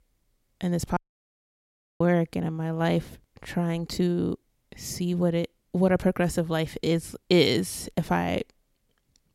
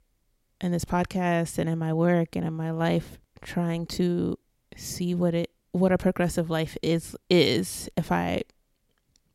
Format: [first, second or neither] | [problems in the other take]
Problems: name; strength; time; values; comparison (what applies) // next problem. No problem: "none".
second | audio cutting out; at 1 s for 1 s